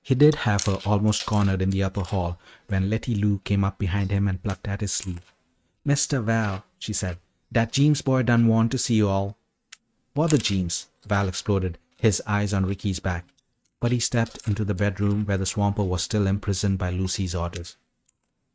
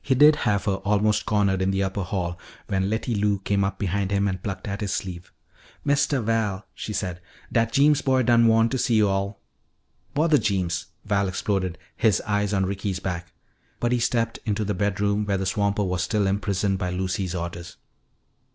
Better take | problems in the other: second | noise reduction (neural mask model RNNoise)

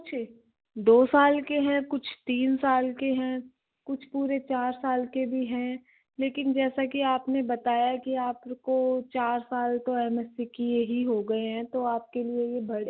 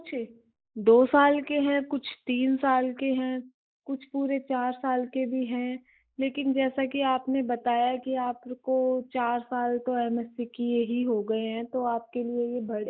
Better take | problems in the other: first | noise reduction (neural mask model Resemble Enhance denoiser)

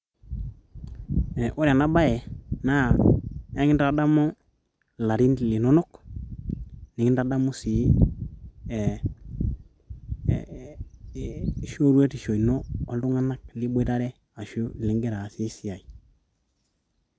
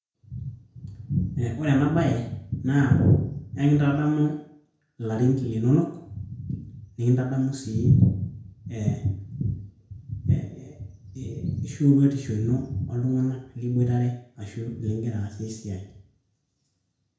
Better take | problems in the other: first | room echo; dies away in 0.5 s

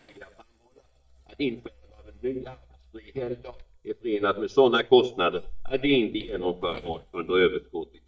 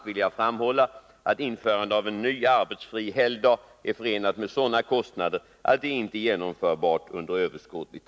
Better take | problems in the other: second | noise reduction (neural mask model DeepFilterNet 3)

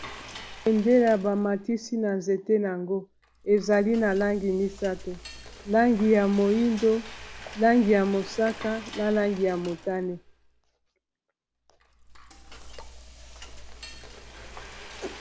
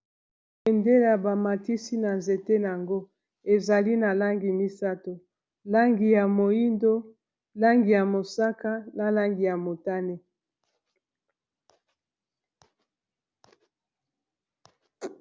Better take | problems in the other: second | background sound (Frying (food)); 17 dB below the speech

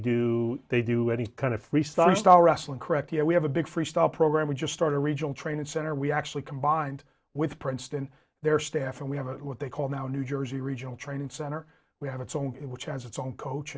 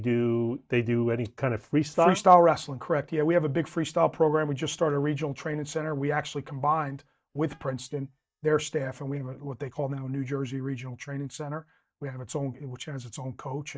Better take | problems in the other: first | noise reduction (neural mask model DeepFilterNet 3)

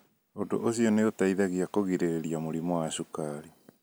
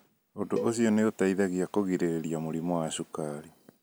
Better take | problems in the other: first | background sound (Cowbell); 14 dB below the speech

